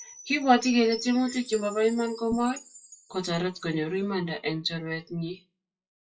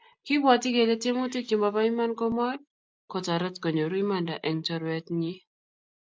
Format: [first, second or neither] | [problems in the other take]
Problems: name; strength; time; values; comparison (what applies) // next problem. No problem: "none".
second | noise reduction (classical method WPE with log-MMSE)